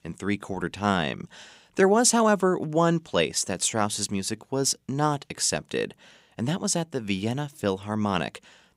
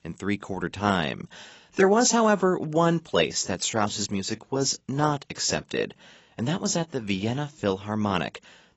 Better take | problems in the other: first | garbled, watery; badly; nothing above 7.5 kHz

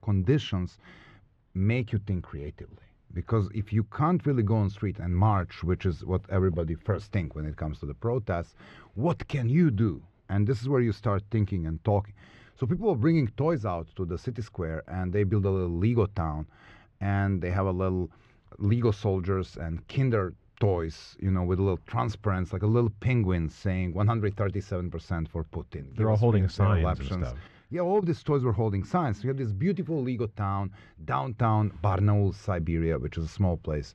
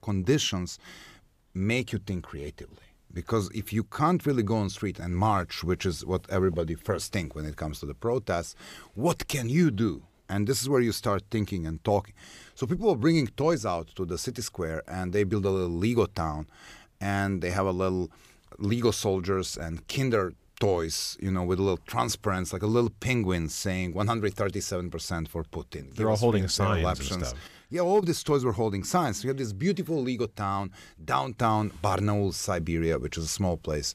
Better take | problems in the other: second | muffled; slightly; fading above 2.5 kHz

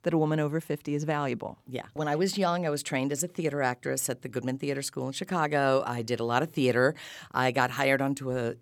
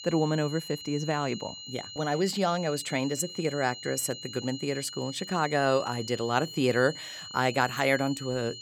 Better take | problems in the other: first | high-pitched whine; noticeable; throughout; 4 kHz, 10 dB below the speech

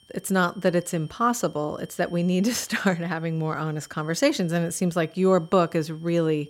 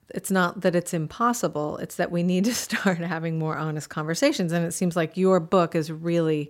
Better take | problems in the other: second | high-pitched whine; faint; throughout; 3 kHz, 30 dB below the speech

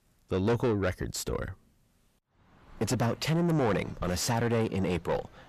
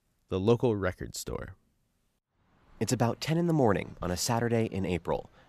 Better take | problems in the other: second | distortion; heavy; 7 dB below the speech

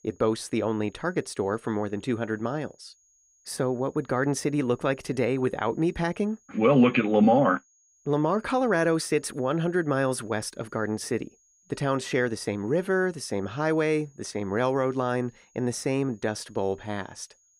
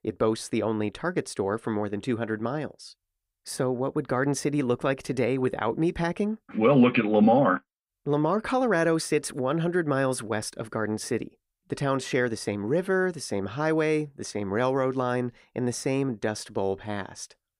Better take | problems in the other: second | high-pitched whine; faint; throughout; 6.5 kHz, 35 dB below the speech

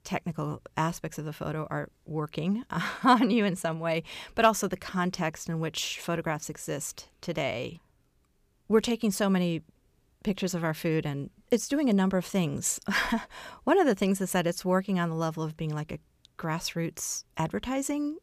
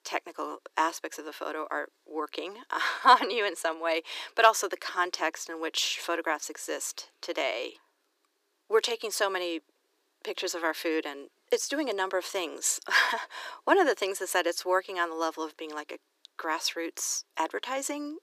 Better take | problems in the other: first | thin; very; fading below 300 Hz

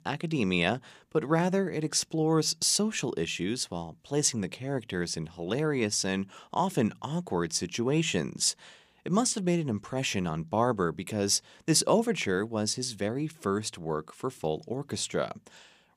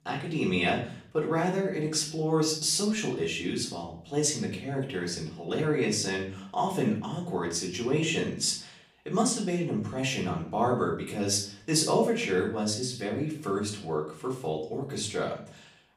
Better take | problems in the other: first | off-mic speech; far // room echo; slight; dies away in 0.5 s

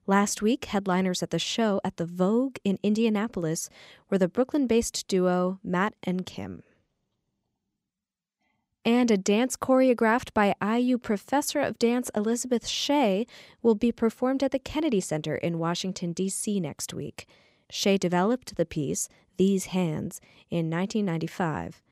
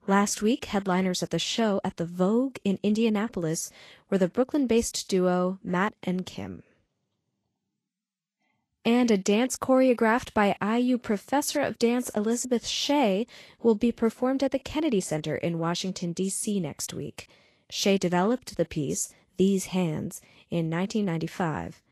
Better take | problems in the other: first | garbled, watery; slightly; nothing above 12 kHz

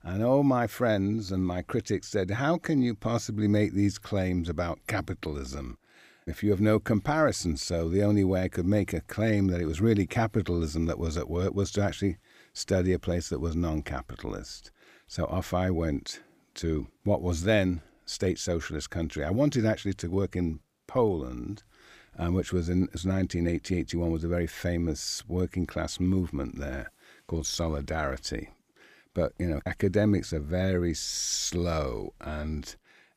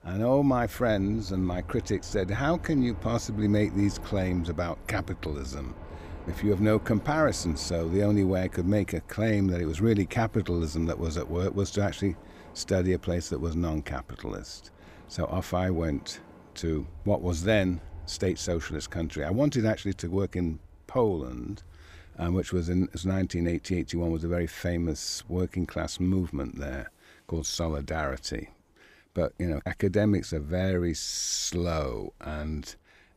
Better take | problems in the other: first | train or aircraft noise; noticeable; throughout; 15 dB below the speech

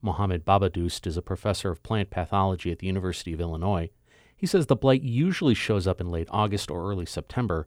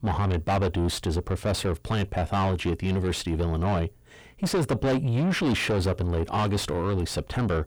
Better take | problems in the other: first | distortion; heavy; 5 dB below the speech

